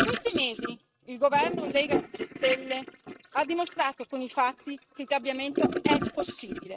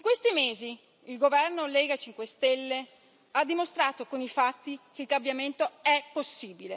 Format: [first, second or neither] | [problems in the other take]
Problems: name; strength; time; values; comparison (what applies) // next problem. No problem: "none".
second | noise reduction (neural mask model RNNoise)